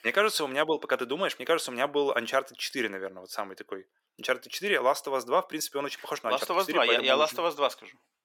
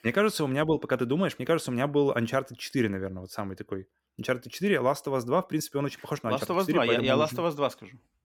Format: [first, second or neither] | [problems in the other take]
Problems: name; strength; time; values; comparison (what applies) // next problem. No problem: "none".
second | thin; somewhat; fading below 500 Hz